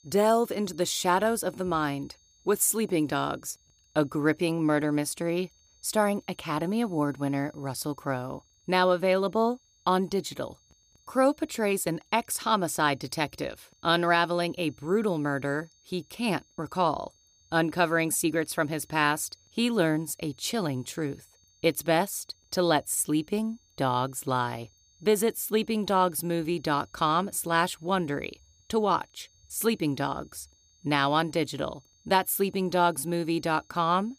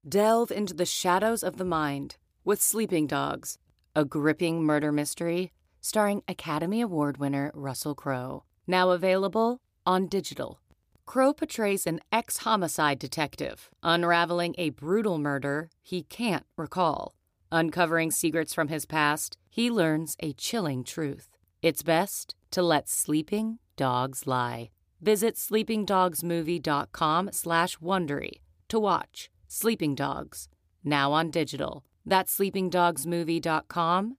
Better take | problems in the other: second | high-pitched whine; faint; throughout; 6.5 kHz, 35 dB below the speech

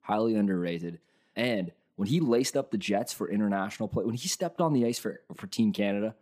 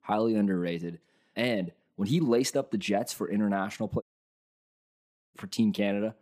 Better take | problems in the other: first | audio cutting out; at 4 s for 1.5 s

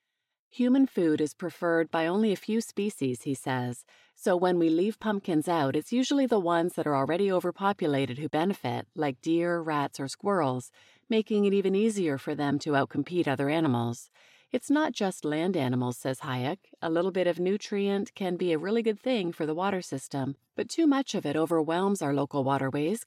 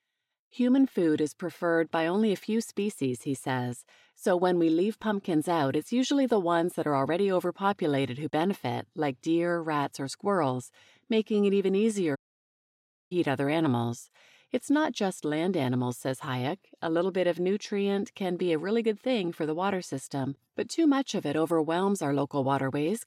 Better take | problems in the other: first | audio cutting out; at 12 s for 1 s

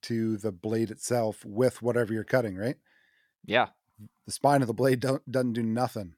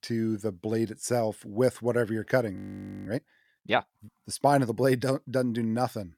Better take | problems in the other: first | audio freezing; at 2.5 s for 0.5 s

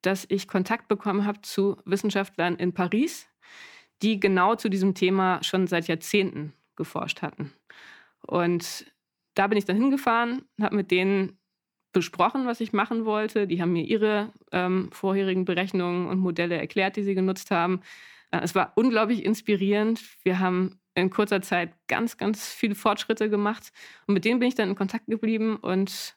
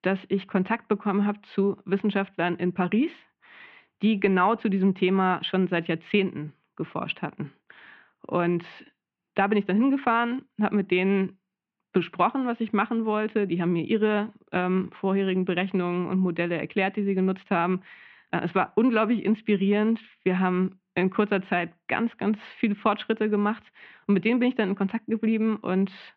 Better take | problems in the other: first | muffled; very; fading above 3 kHz

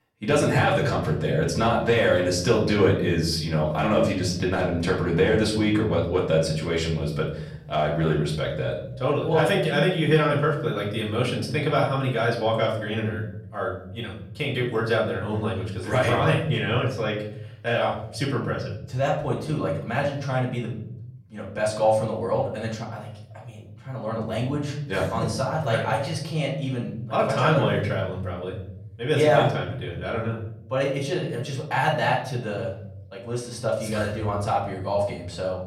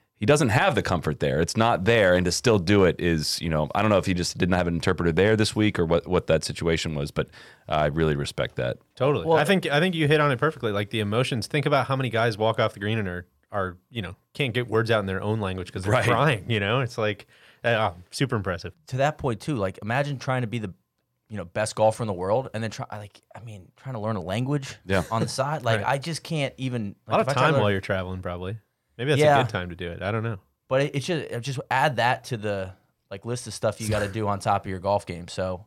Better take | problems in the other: second | off-mic speech; far // room echo; slight; dies away in 0.9 s

